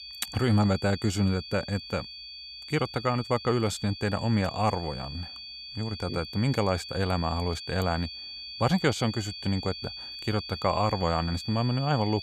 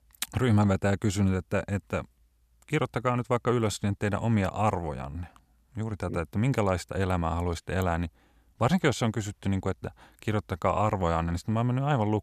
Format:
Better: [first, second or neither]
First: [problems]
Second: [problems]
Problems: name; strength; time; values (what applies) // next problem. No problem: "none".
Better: second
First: high-pitched whine; loud; throughout; 4.5 kHz, 10 dB below the speech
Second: none